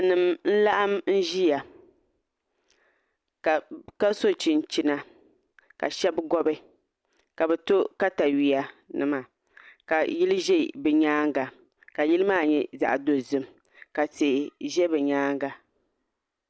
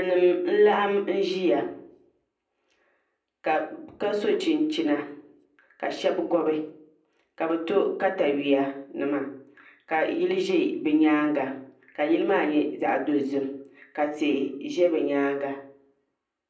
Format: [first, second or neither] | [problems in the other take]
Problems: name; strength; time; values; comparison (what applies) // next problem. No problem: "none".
first | room echo; dies away in 0.6 s